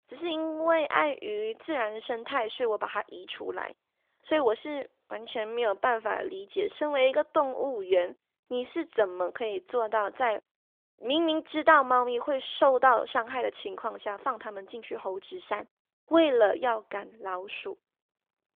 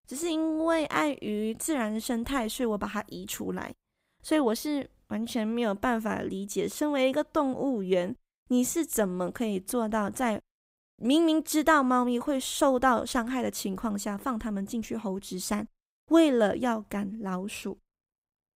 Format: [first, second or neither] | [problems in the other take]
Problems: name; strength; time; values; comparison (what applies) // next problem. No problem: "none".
second | phone-call audio; nothing above 3.5 kHz